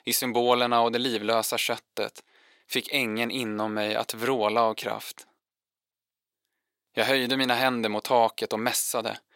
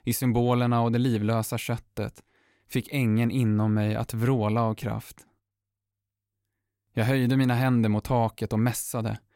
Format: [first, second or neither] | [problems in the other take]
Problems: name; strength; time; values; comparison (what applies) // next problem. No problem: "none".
second | thin; somewhat; fading below 500 Hz